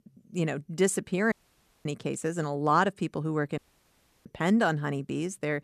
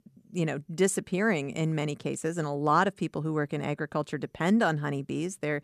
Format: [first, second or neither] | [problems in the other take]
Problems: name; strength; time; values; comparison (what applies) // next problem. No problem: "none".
second | audio cutting out; at 1.5 s for 0.5 s and at 3.5 s for 0.5 s